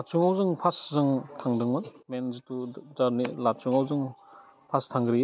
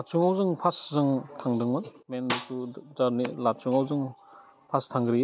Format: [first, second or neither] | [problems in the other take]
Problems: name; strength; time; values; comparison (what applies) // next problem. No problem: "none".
first | background sound (Snare drum); 10 dB below the speech